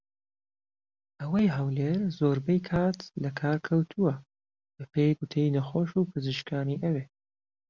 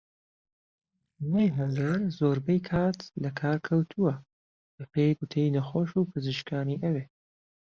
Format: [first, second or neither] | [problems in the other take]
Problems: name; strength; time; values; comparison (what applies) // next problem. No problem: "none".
first | noise reduction (neural mask model Resemble Enhance denoiser)